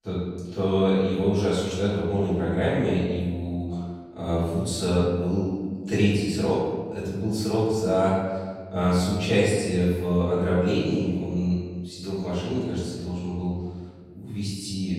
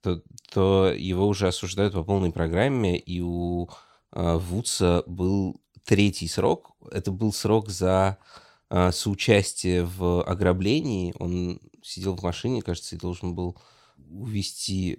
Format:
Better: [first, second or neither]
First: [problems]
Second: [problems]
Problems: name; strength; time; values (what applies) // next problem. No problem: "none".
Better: second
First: room echo; strong; dies away in 1.4 s // off-mic speech; far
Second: none